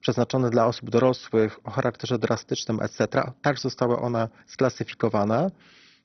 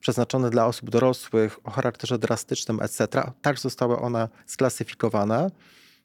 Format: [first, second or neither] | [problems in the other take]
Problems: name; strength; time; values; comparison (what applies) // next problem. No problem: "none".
second | garbled, watery; badly; nothing above 6 kHz